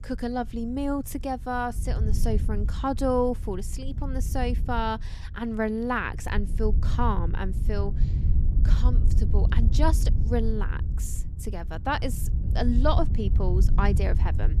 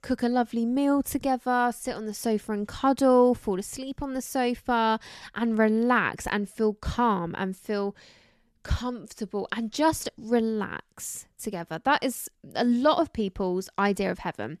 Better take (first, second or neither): second